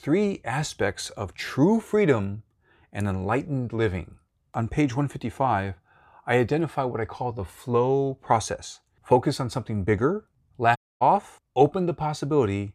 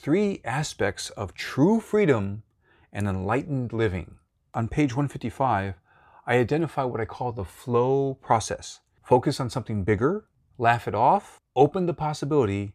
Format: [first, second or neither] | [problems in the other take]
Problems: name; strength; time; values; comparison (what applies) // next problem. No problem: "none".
second | audio cutting out; at 11 s